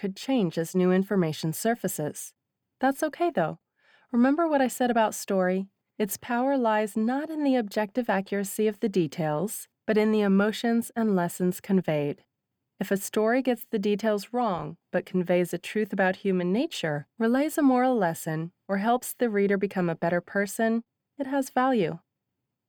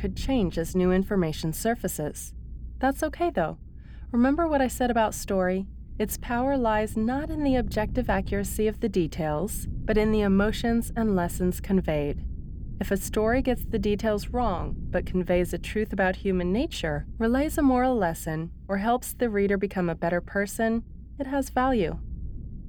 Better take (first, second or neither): first